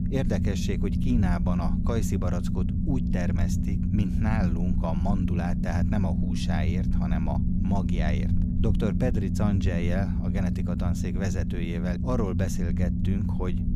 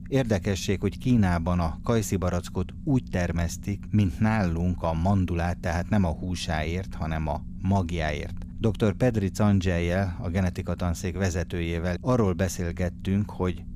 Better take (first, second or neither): second